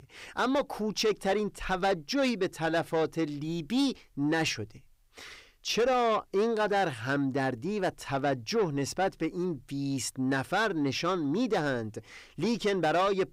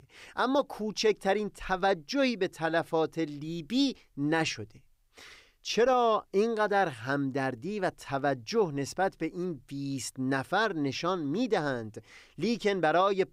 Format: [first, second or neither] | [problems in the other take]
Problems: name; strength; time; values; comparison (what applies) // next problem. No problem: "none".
second | distortion; slight; 10 dB below the speech